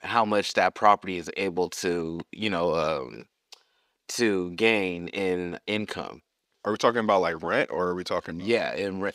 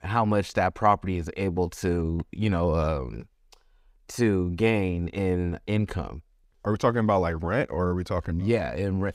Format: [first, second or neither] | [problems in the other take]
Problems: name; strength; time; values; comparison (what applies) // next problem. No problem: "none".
second | thin; somewhat; fading below 300 Hz